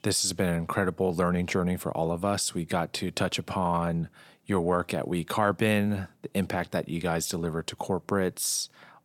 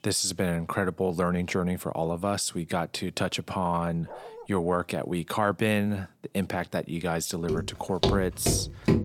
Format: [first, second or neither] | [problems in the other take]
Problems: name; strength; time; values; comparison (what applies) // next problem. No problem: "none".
first | dog barking; faint; at 4 s; peak 15 dB below the speech // footsteps; loud; from 7.5 s on; peak 3 dB above the speech